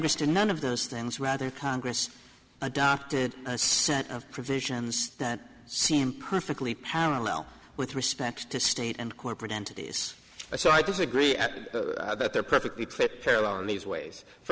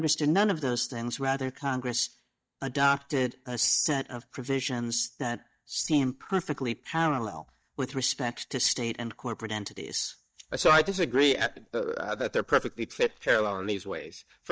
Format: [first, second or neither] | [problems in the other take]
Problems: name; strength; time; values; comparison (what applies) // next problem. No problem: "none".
first | noise reduction (neural mask model DeepFilterNet 3)